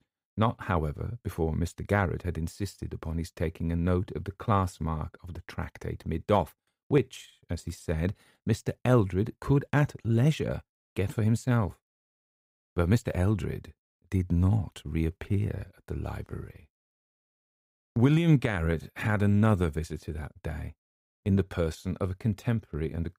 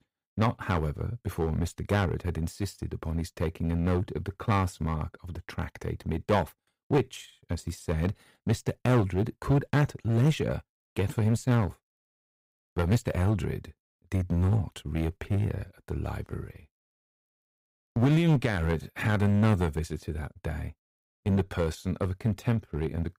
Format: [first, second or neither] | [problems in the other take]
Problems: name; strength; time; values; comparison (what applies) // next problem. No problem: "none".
first | distortion; slight; 5% of the sound clipped